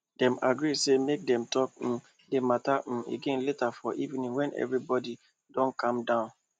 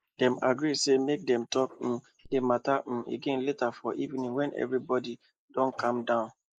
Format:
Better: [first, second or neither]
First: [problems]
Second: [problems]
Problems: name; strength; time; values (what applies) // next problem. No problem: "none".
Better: first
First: none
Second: noise reduction (neural mask model Resemble Enhance denoiser)